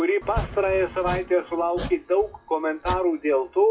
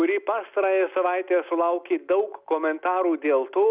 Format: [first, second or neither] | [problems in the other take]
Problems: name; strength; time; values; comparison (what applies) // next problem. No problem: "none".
second | noise reduction (classical method WPE with log-MMSE)